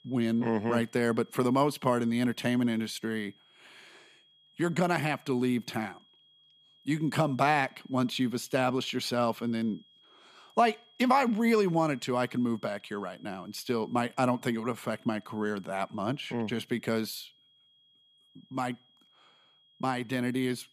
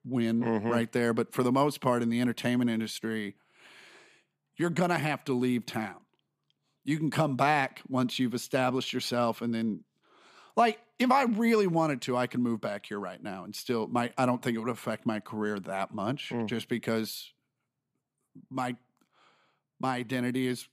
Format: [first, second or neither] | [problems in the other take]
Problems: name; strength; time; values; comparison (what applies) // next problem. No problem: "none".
second | high-pitched whine; faint; throughout; 3.5 kHz, 30 dB below the speech